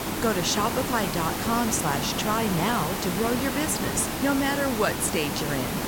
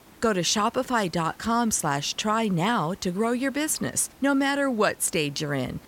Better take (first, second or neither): second